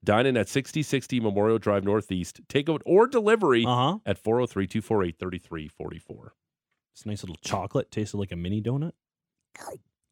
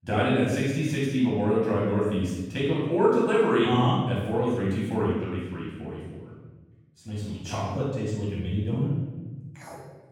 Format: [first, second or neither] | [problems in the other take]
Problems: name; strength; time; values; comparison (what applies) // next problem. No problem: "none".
first | off-mic speech; far // room echo; strong; dies away in 1.2 s